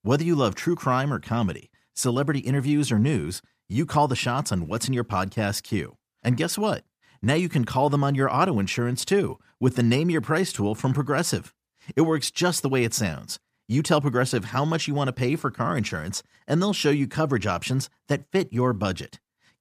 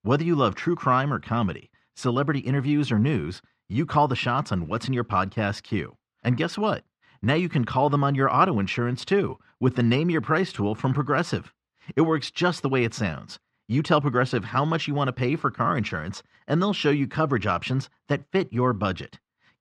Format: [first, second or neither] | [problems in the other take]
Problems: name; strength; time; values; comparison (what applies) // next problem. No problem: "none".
first | muffled; slightly; fading above 3 kHz